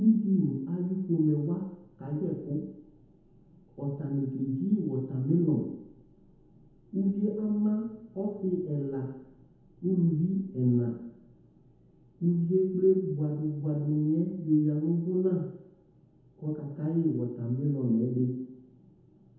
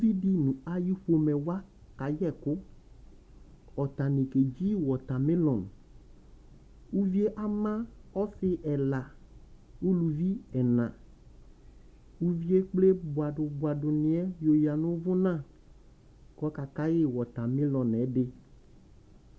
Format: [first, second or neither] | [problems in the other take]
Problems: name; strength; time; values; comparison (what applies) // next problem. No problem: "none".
second | room echo; dies away in 1 s